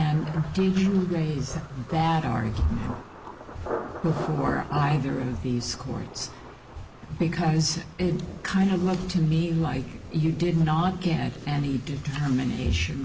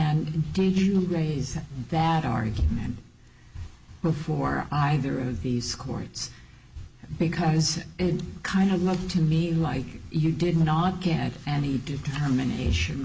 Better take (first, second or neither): second